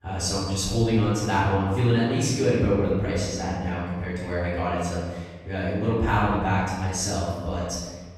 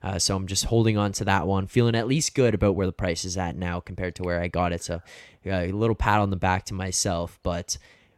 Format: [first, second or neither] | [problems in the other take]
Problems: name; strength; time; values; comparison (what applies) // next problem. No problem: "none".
second | off-mic speech; far // room echo; strong; dies away in 1.4 s